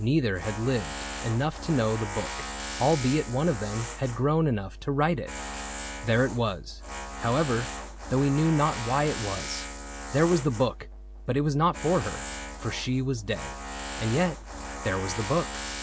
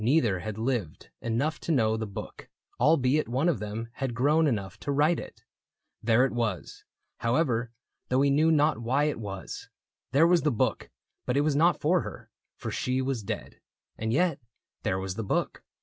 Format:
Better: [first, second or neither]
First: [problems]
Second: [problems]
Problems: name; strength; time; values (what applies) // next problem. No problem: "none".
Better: second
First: background sound (Tools); 9 dB below the speech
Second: none